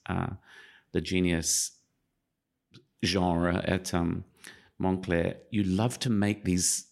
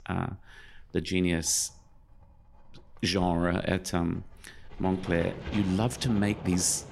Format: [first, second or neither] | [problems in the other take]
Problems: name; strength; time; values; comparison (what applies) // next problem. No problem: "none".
first | household noises; noticeable; throughout; 15 dB below the speech